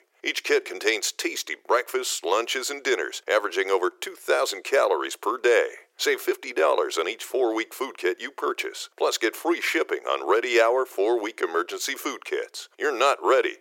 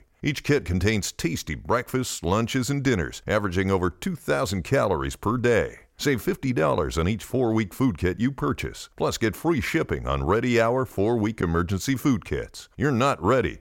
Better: second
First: thin; very; fading below 350 Hz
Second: none

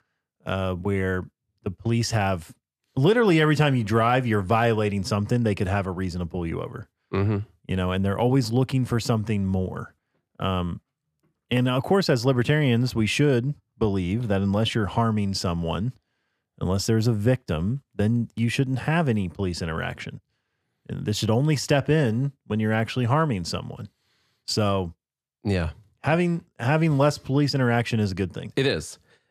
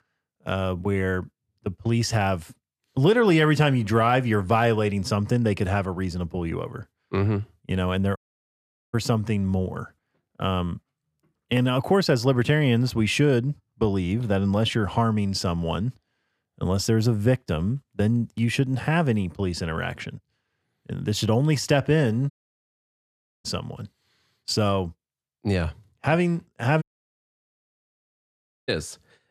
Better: first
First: none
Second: audio cutting out; at 8 s for 1 s, at 22 s for 1 s and at 27 s for 2 s

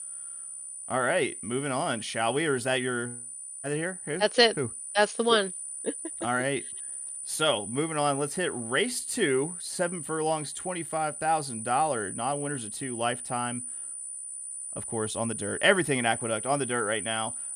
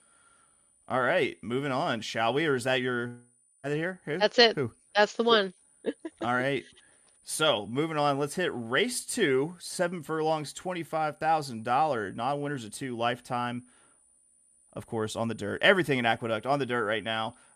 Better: second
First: high-pitched whine; loud; throughout; 9.5 kHz, 7 dB below the speech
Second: high-pitched whine; faint; throughout; 9.5 kHz, 30 dB below the speech

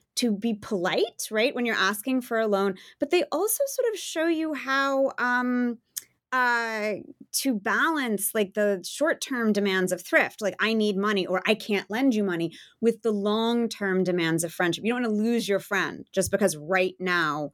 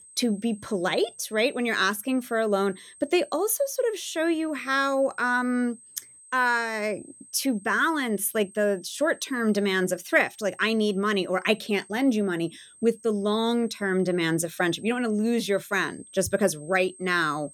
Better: first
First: none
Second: high-pitched whine; faint; throughout; 8.5 kHz, 25 dB below the speech

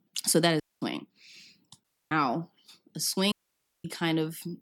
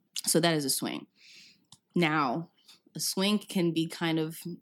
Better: second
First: audio cutting out; at 0.5 s, at 2 s and at 3.5 s for 0.5 s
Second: none

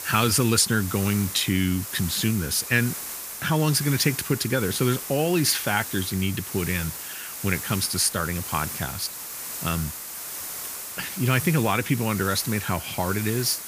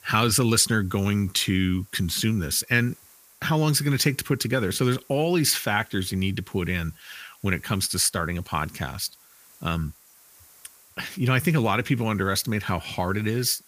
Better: second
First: hiss; loud; throughout; 8 dB below the speech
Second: hiss; faint; throughout; 25 dB below the speech

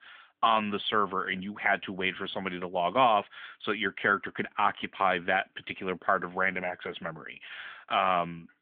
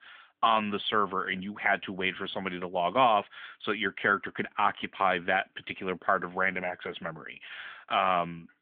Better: neither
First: phone-call audio; nothing above 3.5 kHz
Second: phone-call audio; nothing above 3.5 kHz

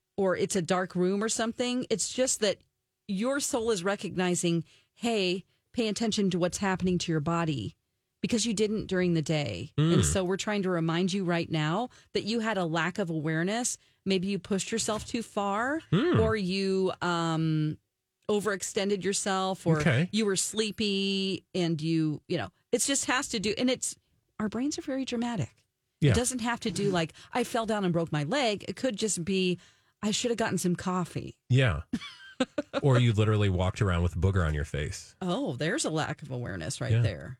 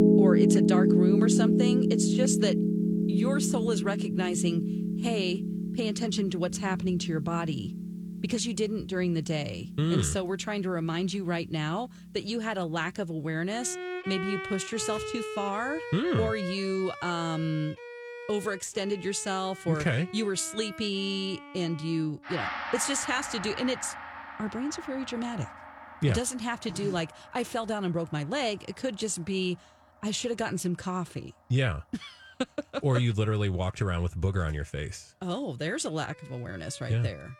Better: first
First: none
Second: background music; very loud; throughout; 1 dB above the speech

